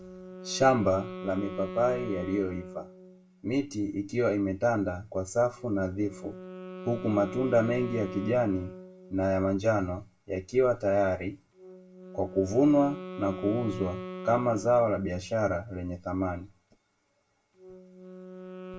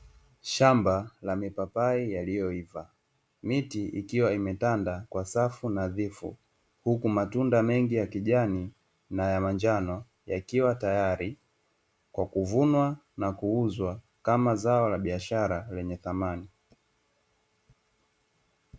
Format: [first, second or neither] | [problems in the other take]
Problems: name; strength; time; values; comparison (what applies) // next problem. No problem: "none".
second | background sound (Wind instrument, woodwind instrument); 14 dB below the speech // room echo; dies away in 0.2 s